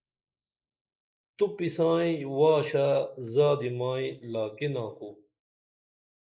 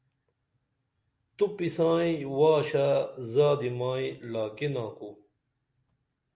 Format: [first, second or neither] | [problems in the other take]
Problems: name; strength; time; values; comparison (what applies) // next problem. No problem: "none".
second | noise reduction (neural mask model Resemble Enhance denoiser)